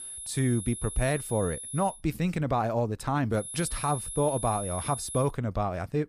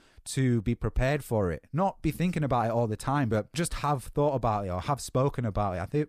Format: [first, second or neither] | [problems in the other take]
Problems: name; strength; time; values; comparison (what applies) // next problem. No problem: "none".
second | high-pitched whine; loud; until 2 s and from 3.5 to 5.5 s; 10.5 kHz, 7 dB below the speech